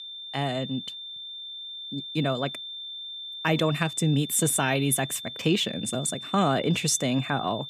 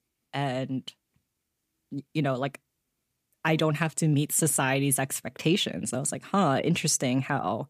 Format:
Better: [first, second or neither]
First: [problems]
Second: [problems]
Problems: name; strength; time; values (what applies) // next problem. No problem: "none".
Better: second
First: high-pitched whine; loud; throughout; 3.5 kHz, 10 dB below the speech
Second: none